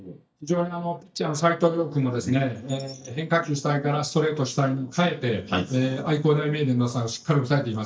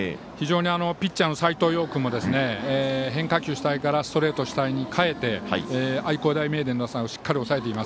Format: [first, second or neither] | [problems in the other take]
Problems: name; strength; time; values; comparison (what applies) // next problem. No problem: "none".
second | noise reduction (neural mask model DeepFilterNet 3)